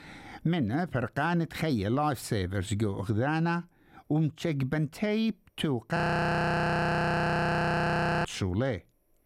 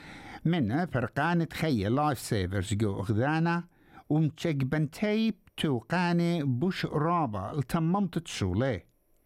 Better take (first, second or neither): second